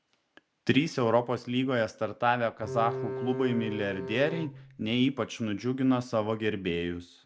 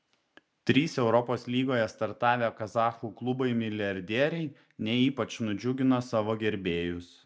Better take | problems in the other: second | background sound (Bowed string instrument); 7 dB below the speech

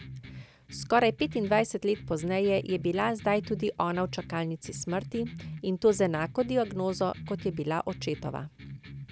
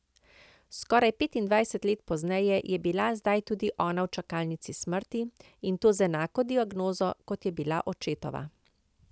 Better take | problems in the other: second | background sound (Electric guitar); 13 dB below the speech

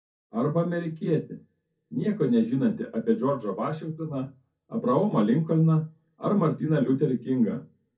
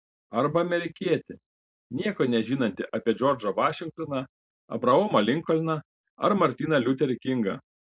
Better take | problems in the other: second | room echo; dies away in 0.3 s

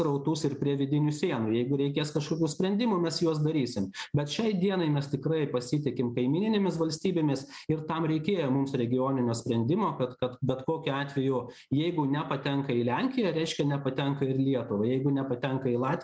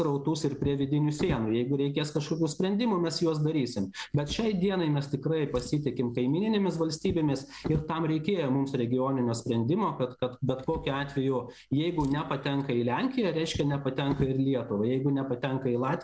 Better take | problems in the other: first | background sound (Drawer open or close); 16 dB below the speech

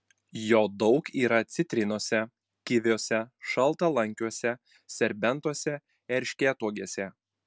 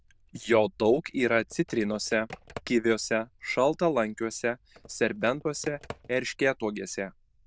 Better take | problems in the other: first | noise reduction (neural diffusion model UNIVERSE++)

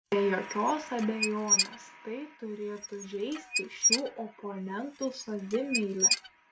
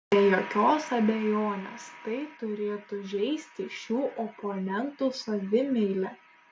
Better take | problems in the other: second | background sound (Squeak / Dishes, pots, and pans); as loud as the speech

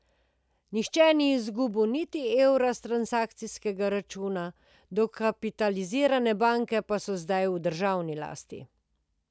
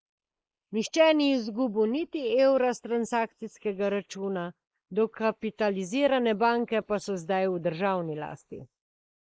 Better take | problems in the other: first | noise reduction (neural mask model Resemble Enhance denoiser)

